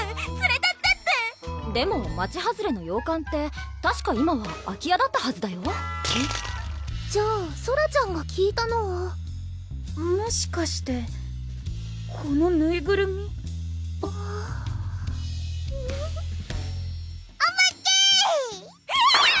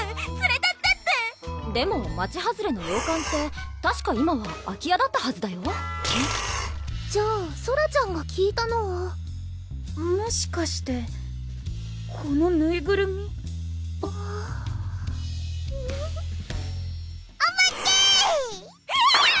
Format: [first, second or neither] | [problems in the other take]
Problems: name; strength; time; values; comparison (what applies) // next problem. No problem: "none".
first | background sound (Breathing); 8 dB below the speech